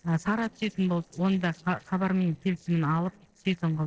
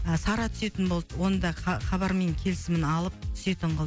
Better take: second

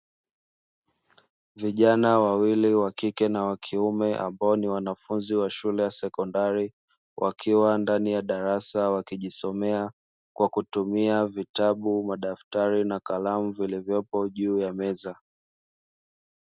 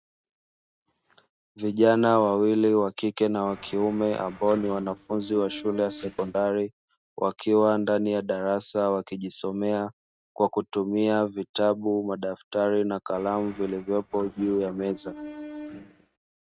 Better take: first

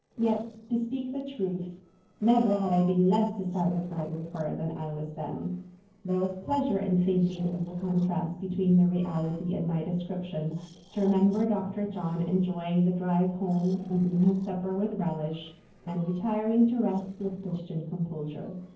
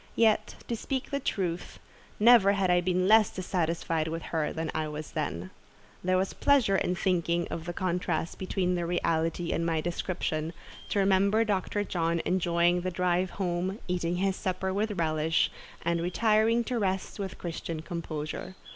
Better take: second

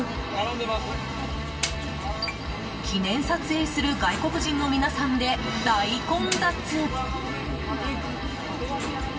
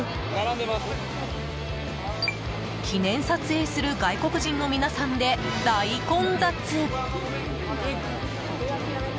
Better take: second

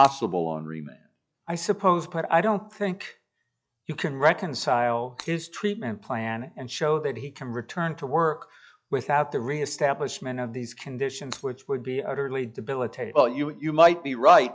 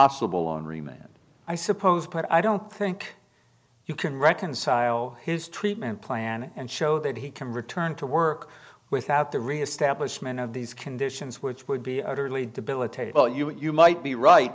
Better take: second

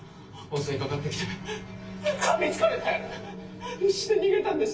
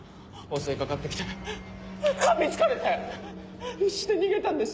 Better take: second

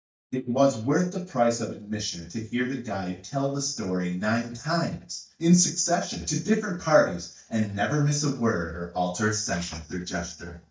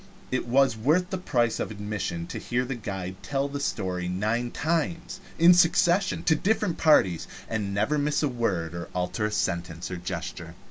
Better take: second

